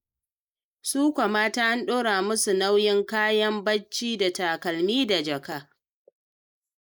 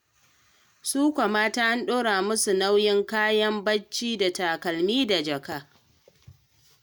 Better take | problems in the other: second | noise reduction (neural mask model Resemble Enhance denoiser)

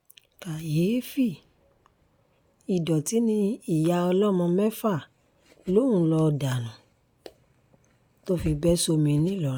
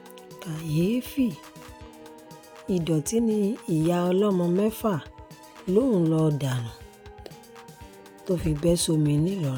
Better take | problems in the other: first | background sound (Piano / Organ); 19 dB below the speech

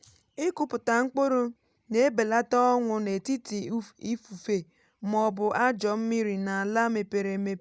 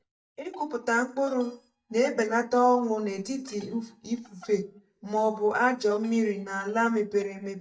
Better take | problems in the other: first | noise reduction (neural mask model DeepFilterNet 3)

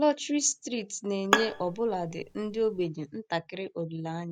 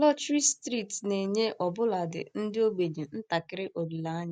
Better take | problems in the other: second | background sound (Bowed string instrument); 3 dB below the speech

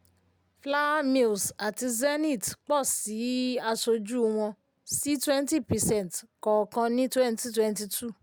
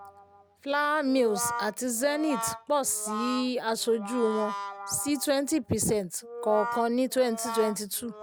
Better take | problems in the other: first | background sound (Brass instrument); 10 dB below the speech

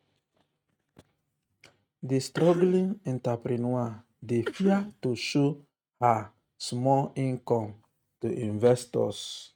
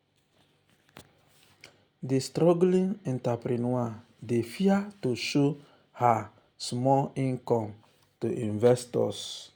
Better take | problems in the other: second | noise reduction (neural mask model RNNoise)

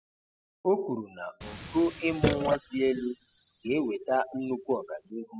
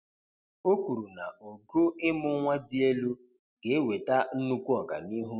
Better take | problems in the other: second | noise reduction (classical method spectral subtraction)

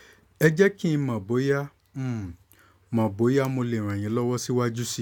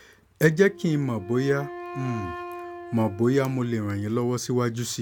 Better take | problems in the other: first | background sound (Wind instrument, woodwind instrument); 15 dB below the speech

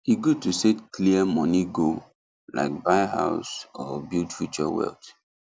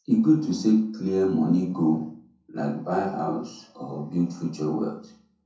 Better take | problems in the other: first | room echo; dies away in 0.5 s

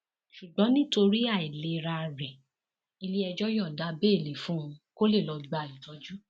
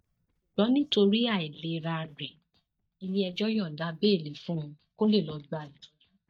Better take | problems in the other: first | noise reduction (neural mask model DeepFilterNet 3)

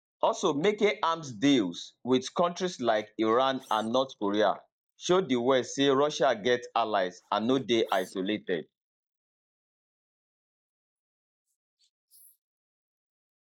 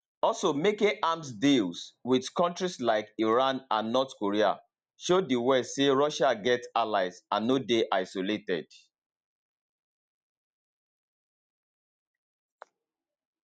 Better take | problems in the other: second | noise reduction (neural mask model Resemble Enhance denoiser)

